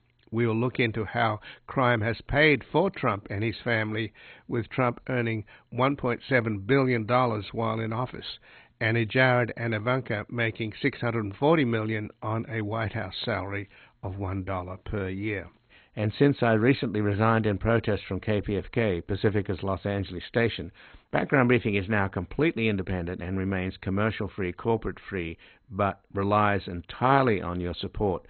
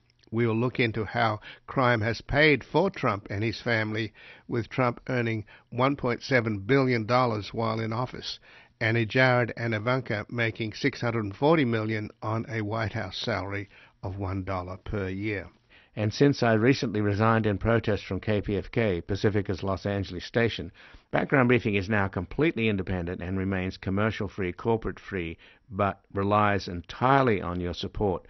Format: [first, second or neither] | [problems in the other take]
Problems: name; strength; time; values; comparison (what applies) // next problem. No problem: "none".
second | garbled, watery; badly; nothing above 4 kHz; slightly in the second